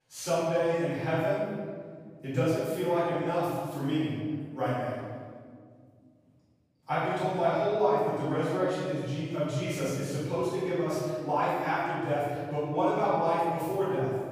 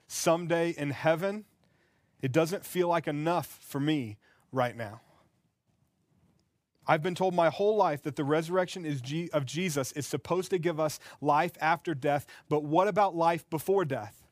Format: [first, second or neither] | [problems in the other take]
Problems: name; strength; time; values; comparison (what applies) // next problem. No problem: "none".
second | off-mic speech; far // room echo; strong; dies away in 1.8 s